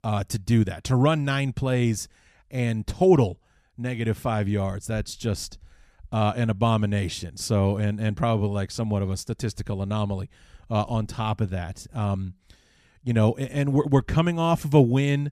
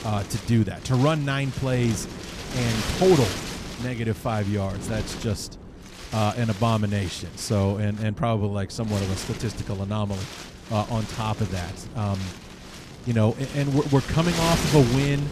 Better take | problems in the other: first | wind noise on the microphone; heavy; 6 dB below the speech

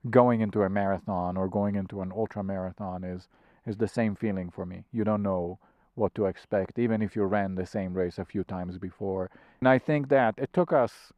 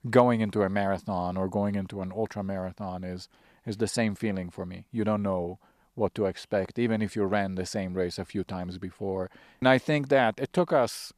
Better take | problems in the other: second | muffled; slightly; fading above 3 kHz

